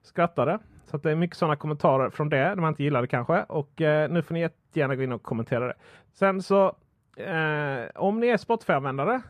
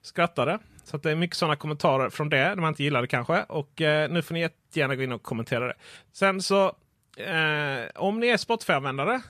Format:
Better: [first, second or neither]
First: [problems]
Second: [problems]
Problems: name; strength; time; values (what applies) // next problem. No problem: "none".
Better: second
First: muffled; slightly; fading above 2 kHz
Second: none